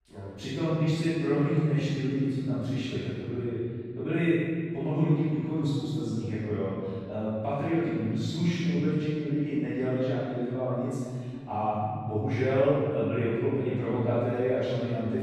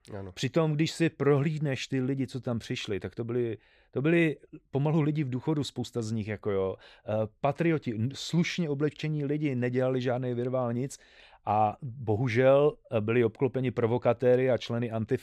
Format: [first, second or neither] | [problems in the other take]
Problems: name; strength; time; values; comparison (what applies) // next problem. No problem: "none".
second | room echo; strong; dies away in 2.3 s // off-mic speech; far